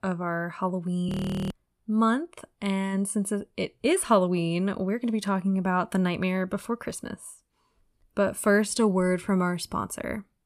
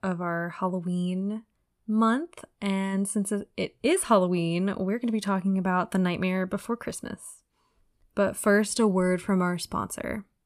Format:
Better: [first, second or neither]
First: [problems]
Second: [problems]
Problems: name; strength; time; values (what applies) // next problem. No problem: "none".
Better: second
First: audio freezing; at 1 s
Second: none